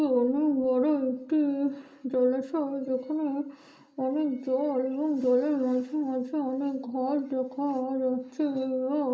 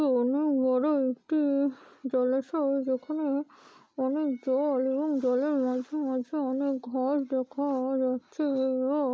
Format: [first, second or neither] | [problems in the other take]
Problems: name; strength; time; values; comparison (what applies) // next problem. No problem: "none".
second | room echo; dies away in 1.2 s